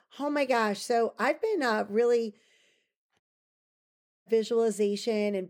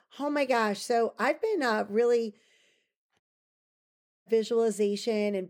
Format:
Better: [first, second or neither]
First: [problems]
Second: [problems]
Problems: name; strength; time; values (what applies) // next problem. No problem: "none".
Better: neither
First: audio cutting out; at 3 s for 1 s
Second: audio cutting out; at 3 s for 1 s